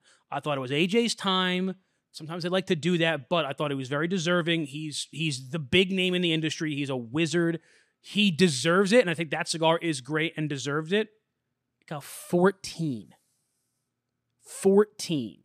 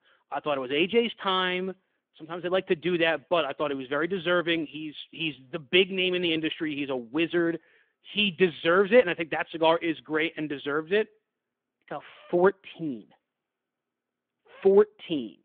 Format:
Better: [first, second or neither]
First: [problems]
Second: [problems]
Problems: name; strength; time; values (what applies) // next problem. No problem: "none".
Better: first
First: none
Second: phone-call audio; nothing above 3.5 kHz